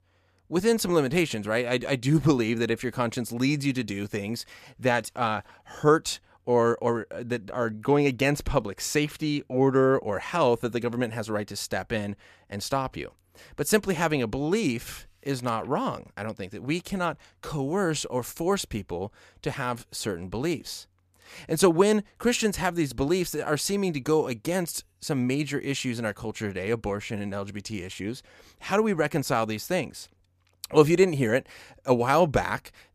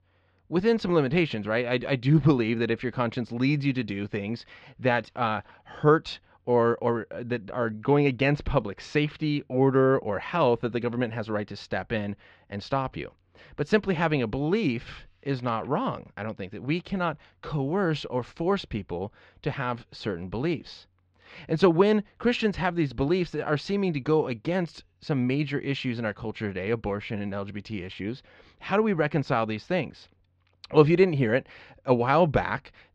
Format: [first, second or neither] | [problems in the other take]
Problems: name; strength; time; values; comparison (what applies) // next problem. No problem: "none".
first | muffled; slightly; fading above 4 kHz